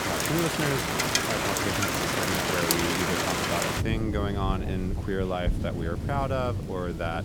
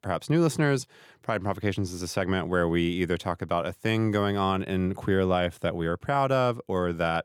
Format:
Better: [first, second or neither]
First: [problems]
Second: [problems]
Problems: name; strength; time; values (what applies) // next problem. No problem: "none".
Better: second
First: rain or running water; very loud; throughout; 4 dB above the speech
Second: none